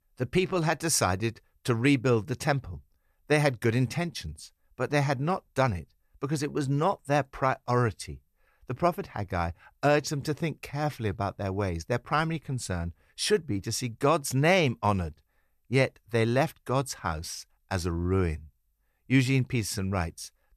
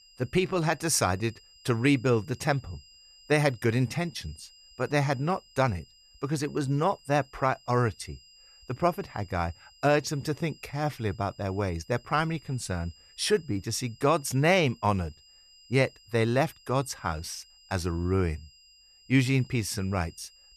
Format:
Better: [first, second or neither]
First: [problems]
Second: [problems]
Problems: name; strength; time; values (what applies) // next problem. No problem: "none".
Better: first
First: none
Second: high-pitched whine; faint; throughout; 5 kHz, 25 dB below the speech